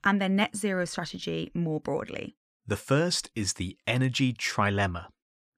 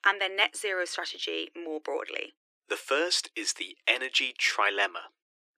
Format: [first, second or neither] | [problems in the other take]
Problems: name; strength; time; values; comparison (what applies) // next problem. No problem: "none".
first | thin; very; fading below 300 Hz